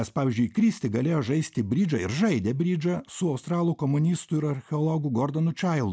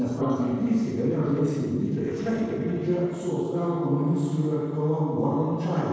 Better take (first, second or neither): first